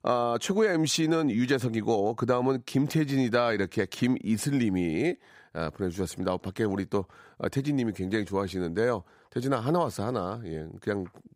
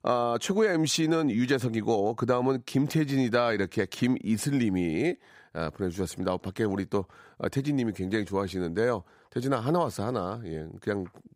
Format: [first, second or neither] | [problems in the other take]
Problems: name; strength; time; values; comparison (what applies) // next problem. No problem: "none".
neither | none